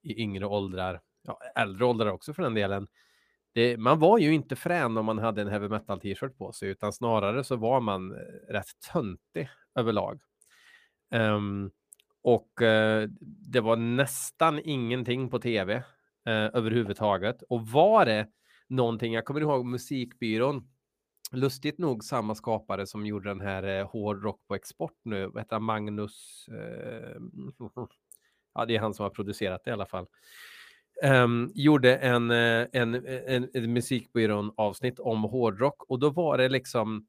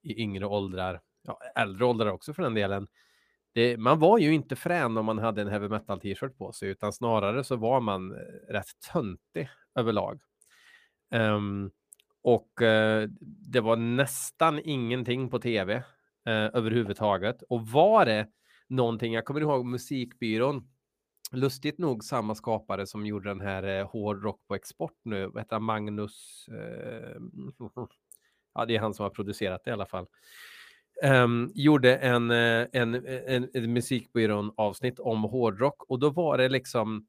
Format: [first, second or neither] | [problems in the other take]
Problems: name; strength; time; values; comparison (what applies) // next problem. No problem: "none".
neither | none